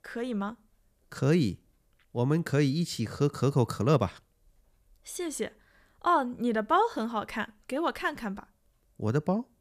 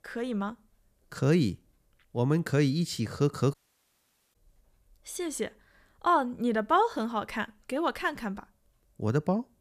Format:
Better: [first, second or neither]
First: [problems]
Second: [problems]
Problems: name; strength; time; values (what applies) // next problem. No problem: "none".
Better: first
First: none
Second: audio cutting out; at 3.5 s for 1 s